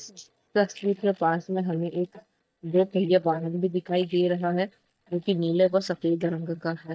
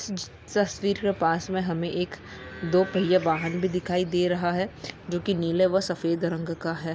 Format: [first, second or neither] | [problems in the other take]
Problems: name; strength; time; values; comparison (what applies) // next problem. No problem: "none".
second | noise reduction (neural mask model DeepFilterNet 3)